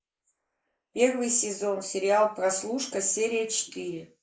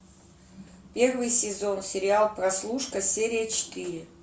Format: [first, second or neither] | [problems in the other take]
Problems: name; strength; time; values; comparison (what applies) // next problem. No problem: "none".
second | noise reduction (neural mask model Resemble Enhance denoiser)